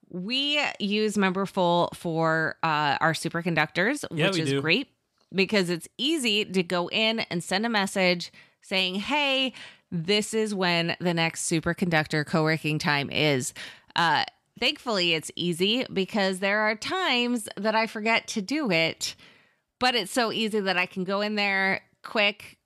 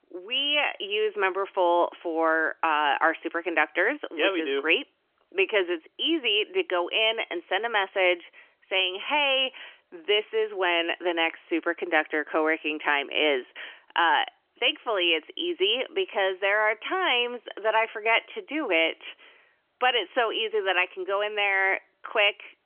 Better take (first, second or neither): first